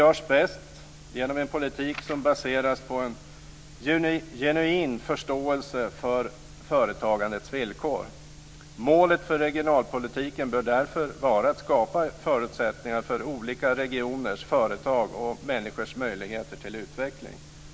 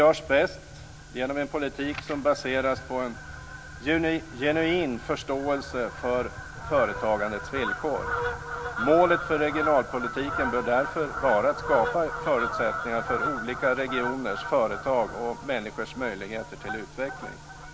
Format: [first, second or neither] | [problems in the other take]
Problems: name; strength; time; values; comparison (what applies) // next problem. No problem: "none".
first | background sound (Fowl); 8 dB below the speech